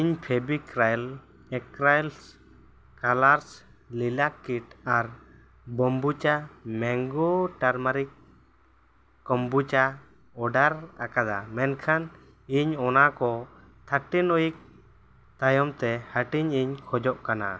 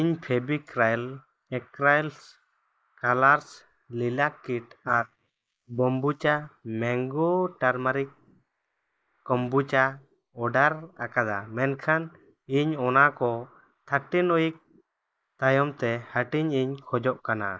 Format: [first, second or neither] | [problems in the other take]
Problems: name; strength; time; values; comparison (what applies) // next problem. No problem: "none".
first | noise reduction (neural mask model Resemble Enhance denoiser)